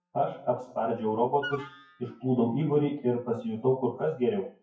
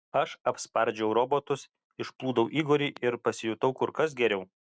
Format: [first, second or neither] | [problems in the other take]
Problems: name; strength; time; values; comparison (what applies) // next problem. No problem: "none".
second | noise reduction (classical method WPE with log-MMSE)